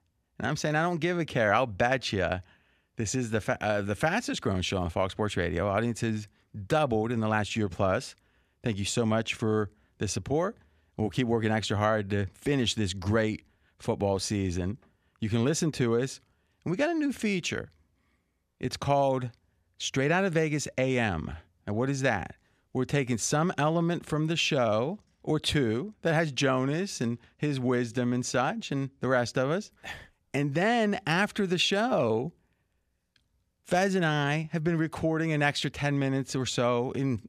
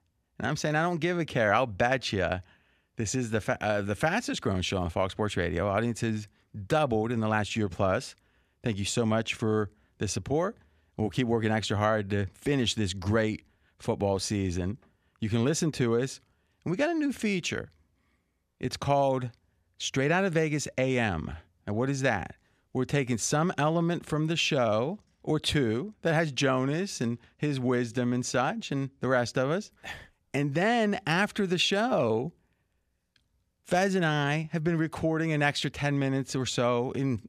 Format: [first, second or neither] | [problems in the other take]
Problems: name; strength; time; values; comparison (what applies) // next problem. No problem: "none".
neither | none